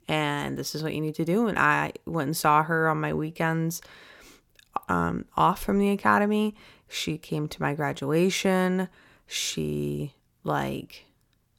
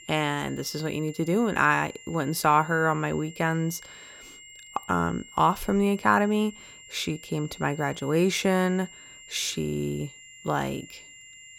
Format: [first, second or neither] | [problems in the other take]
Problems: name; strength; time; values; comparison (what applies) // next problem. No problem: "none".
first | high-pitched whine; noticeable; throughout; 2 kHz, 20 dB below the speech